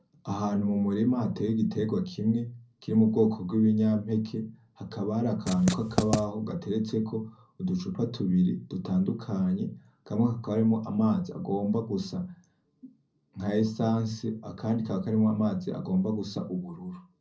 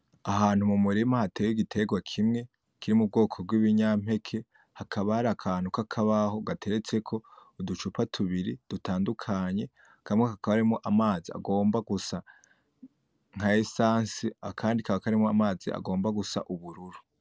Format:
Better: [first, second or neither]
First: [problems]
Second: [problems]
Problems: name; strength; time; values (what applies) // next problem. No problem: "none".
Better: second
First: background sound (Writing); 2 dB below the speech // room echo; dies away in 0.4 s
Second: none